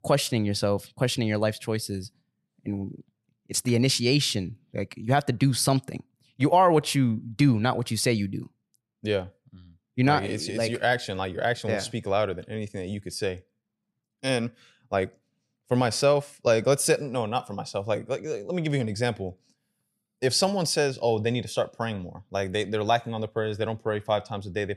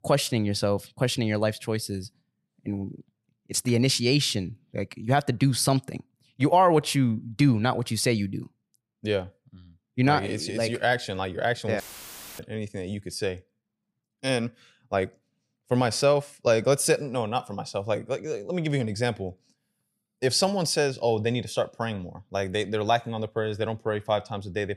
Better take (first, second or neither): first